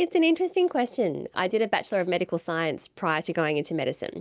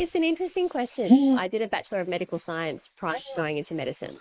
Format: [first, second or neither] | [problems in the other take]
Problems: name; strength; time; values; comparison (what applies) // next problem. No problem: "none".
first | noise reduction (neural mask model Resemble Enhance denoiser)